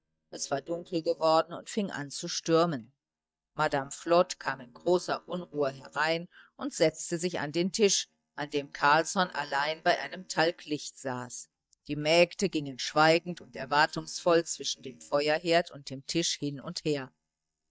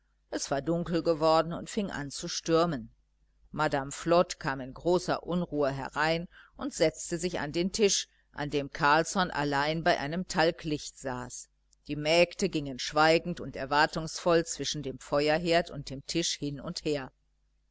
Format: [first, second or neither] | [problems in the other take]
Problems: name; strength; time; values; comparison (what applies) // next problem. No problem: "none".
second | noise reduction (neural mask model DeepFilterNet 3)